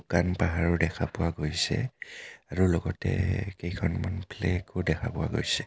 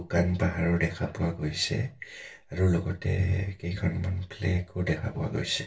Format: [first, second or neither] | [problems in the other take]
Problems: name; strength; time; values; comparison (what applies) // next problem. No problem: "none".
first | room echo; dies away in 0.2 s